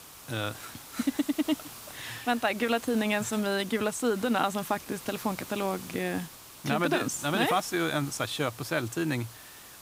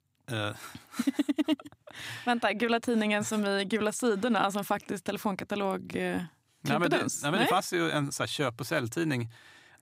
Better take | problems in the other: second | hiss; noticeable; throughout; 15 dB below the speech

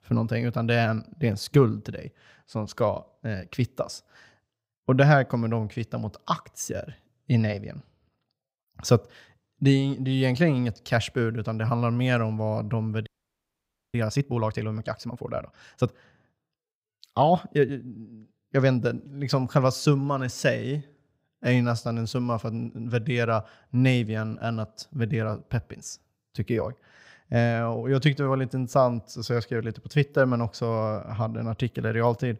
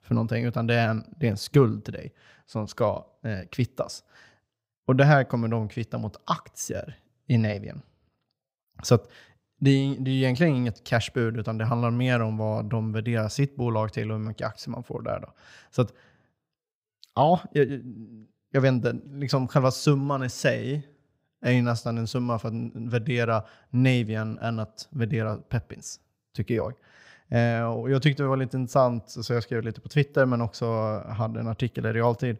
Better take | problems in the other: second | audio freezing; at 13 s for 1 s

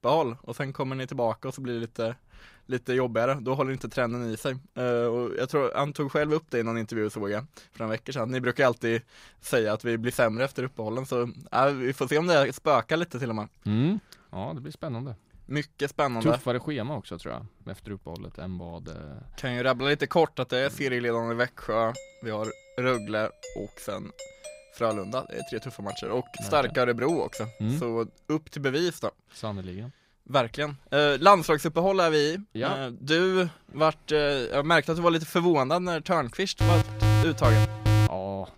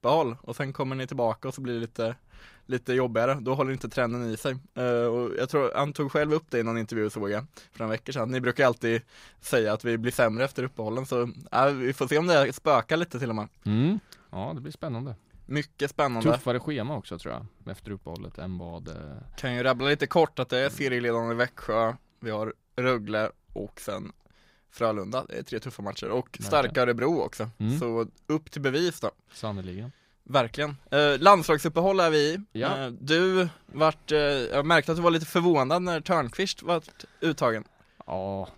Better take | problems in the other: second | doorbell; faint; from 22 to 28 s; peak 15 dB below the speech // alarm; loud; from 37 to 38 s; peak 4 dB above the speech

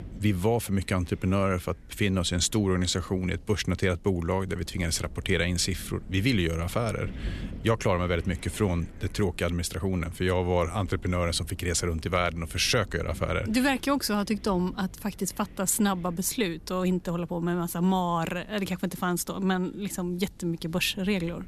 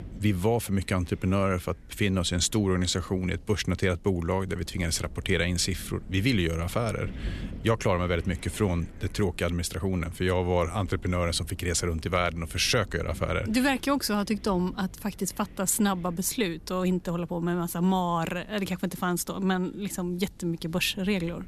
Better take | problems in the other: neither | wind noise on the microphone; occasional gusts; 25 dB below the speech; the same in both

